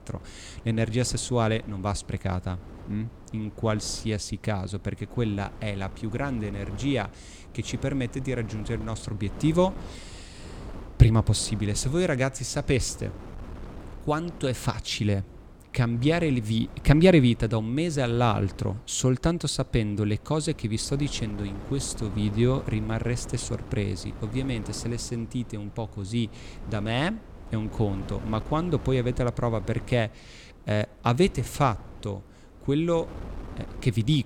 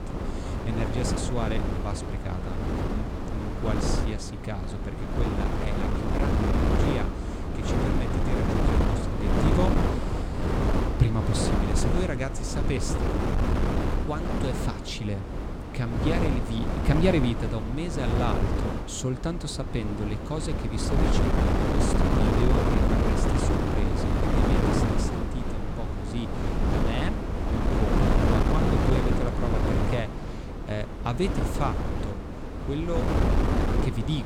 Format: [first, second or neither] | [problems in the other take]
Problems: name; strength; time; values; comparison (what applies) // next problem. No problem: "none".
first | wind noise on the microphone; heavy; 3 dB above the speech; occasional gusts in the first